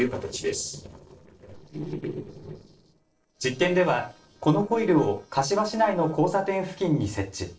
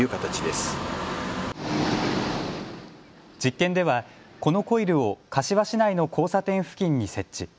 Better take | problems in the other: second | noise reduction (neural separator model SepFormer DNS4)

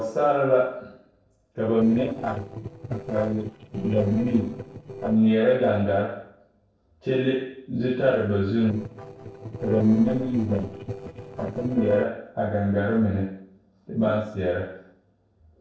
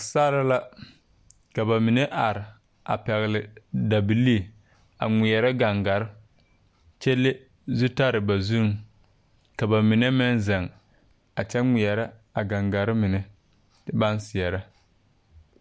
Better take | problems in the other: second | noise reduction (neural separator model SepFormer DNS4)

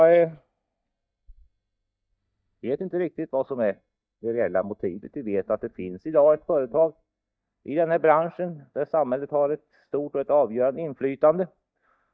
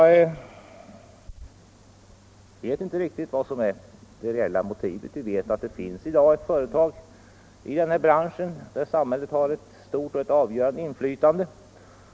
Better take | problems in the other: second | noise reduction (neural mask model DeepFilterNet 3)

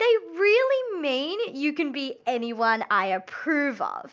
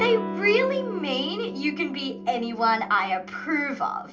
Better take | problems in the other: first | background sound (Electric guitar / Strum); 9 dB below the speech // room echo; dies away in 0.2 s

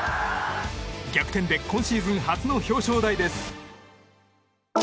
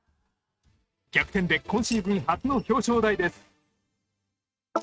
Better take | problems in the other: first | noise reduction (neural mask model RNNoise)

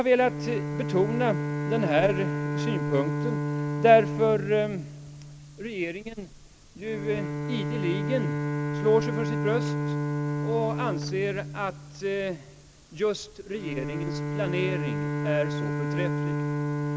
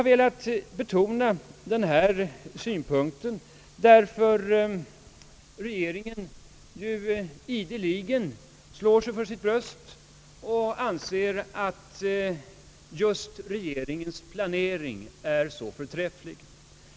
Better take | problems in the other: second | background sound (Bowed string instrument); 2 dB below the speech

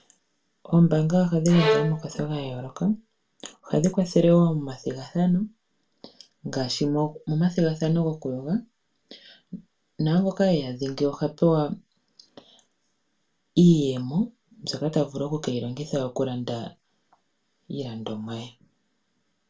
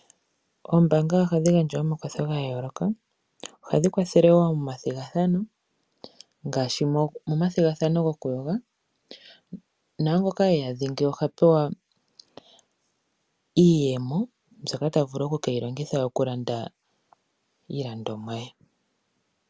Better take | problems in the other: second | background sound (Bowed string instrument); 4 dB below the speech // room echo; dies away in 0.2 s

